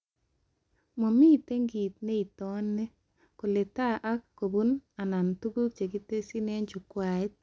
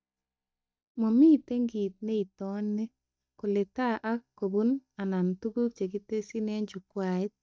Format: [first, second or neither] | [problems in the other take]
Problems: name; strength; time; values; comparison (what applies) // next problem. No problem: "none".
first | noise reduction (neural mask model DeepFilterNet 3)